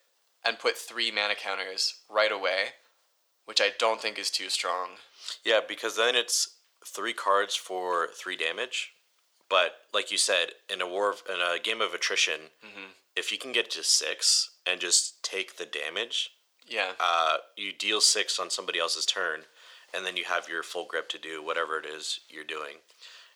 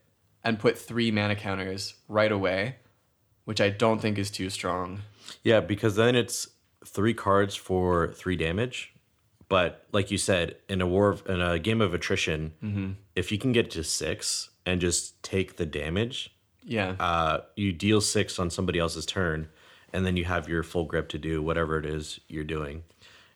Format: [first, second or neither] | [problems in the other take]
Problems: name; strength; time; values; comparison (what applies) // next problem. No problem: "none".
second | thin; very; fading below 550 Hz